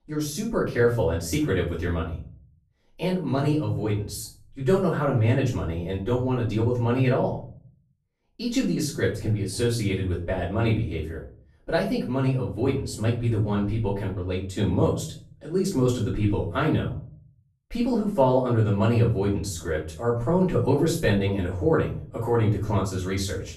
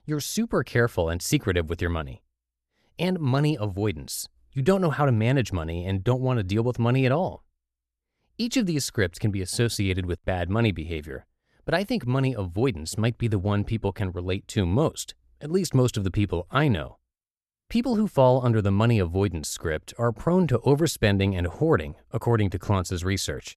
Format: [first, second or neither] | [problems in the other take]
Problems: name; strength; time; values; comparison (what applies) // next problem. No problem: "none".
second | off-mic speech; far // room echo; slight; dies away in 0.4 s